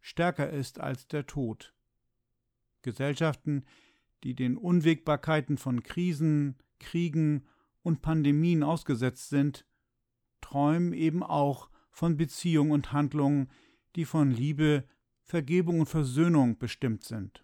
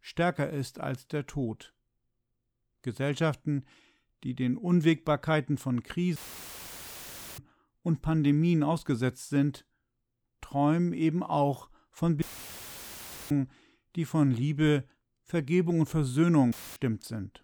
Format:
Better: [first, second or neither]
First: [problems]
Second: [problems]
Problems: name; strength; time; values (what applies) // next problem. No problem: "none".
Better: first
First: none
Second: audio cutting out; filled with static; at 6 s for 1 s, at 12 s for 1 s and at 17 s